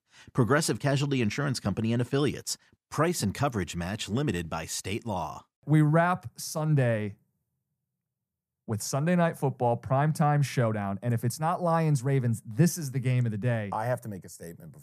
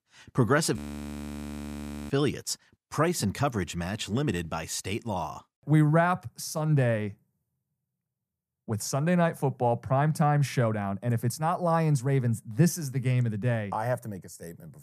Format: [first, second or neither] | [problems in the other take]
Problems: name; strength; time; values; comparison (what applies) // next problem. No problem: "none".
first | audio freezing; at 1 s for 1.5 s